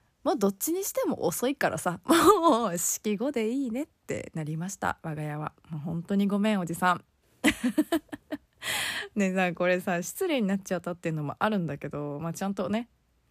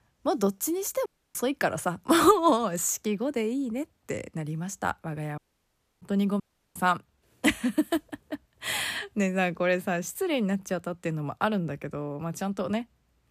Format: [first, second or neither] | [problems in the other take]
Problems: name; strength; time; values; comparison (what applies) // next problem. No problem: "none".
first | audio cutting out; at 1 s, at 5.5 s for 0.5 s and at 6.5 s